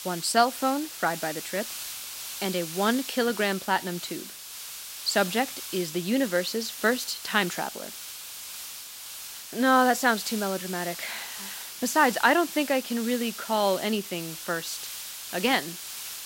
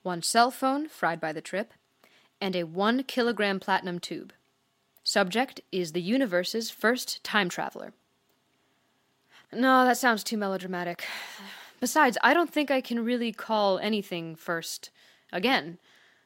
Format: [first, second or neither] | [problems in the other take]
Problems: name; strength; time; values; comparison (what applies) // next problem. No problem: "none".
second | hiss; loud; throughout; 9 dB below the speech